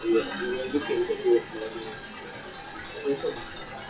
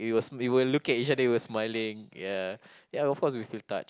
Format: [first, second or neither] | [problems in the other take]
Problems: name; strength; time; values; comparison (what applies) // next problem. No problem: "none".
second | noise reduction (classical method WPE with log-MMSE)